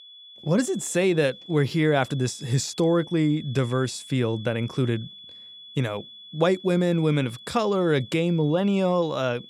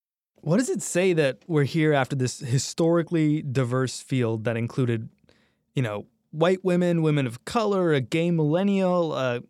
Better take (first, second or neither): second